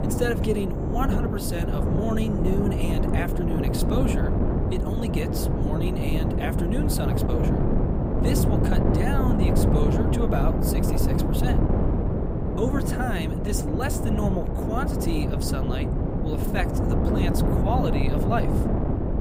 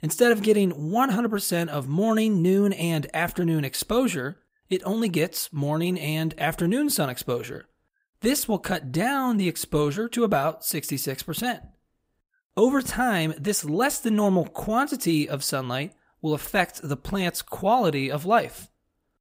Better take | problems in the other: second | wind noise on the microphone; heavy; 1 dB above the speech

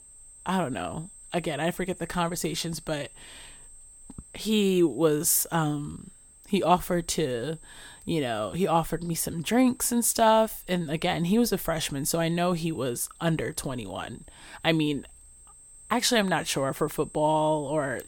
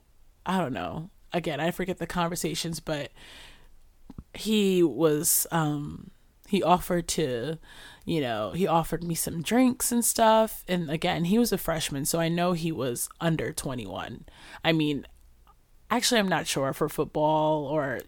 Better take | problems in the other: second | high-pitched whine; faint; throughout; 8.5 kHz, 20 dB below the speech

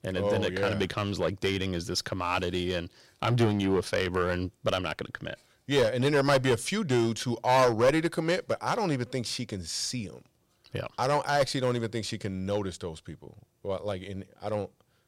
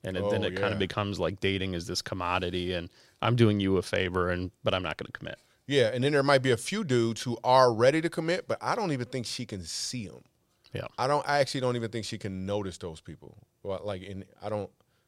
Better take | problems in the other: second | distortion; slight; 3% of the sound clipped

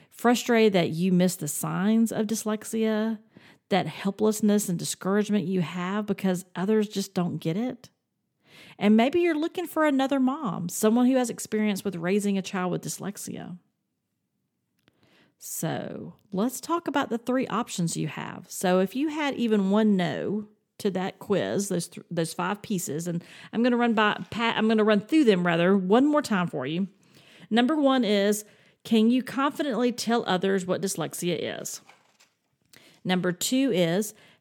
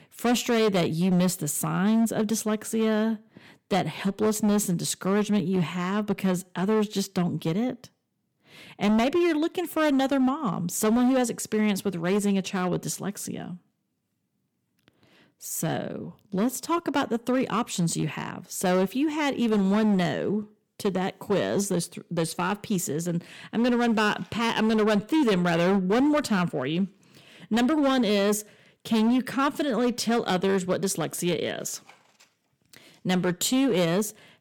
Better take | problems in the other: first | distortion; slight; 9% of the sound clipped

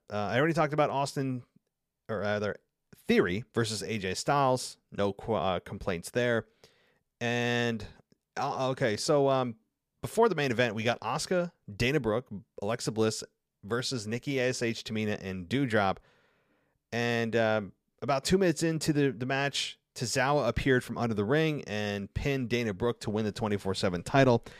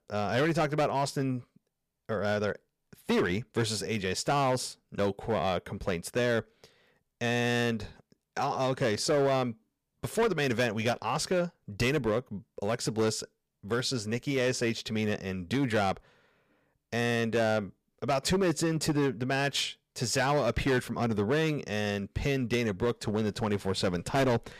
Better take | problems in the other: first | distortion; slight; 7% of the sound clipped

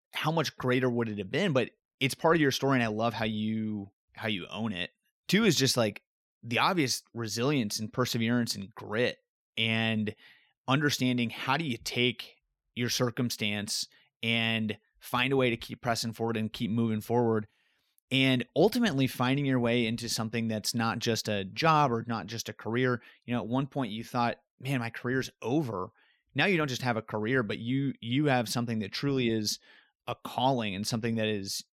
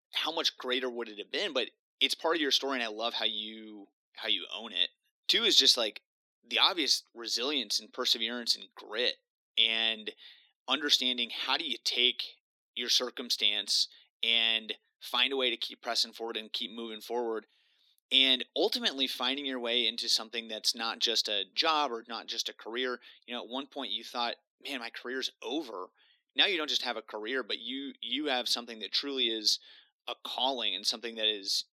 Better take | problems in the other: first | thin; somewhat; fading below 300 Hz

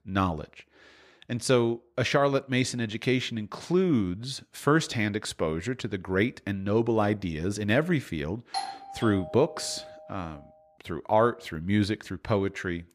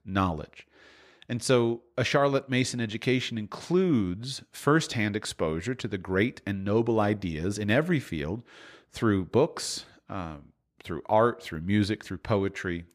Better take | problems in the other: second | doorbell; noticeable; from 8.5 to 10 s; peak 7 dB below the speech

